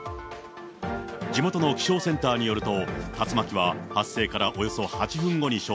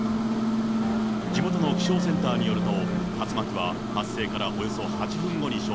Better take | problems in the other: first | background sound (Wind instrument, woodwind instrument + Microwave oven); 4 dB above the speech

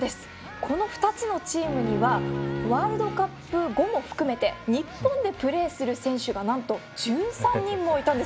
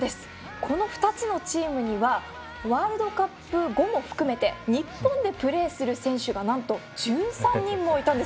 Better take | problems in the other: second | background sound (Bowed string instrument); 6 dB below the speech

